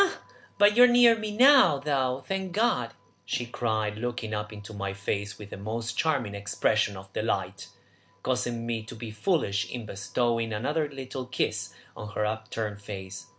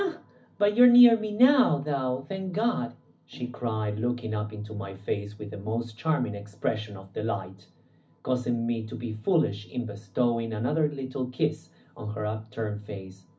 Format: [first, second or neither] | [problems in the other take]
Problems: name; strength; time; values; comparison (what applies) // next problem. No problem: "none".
first | room echo; dies away in 0.4 s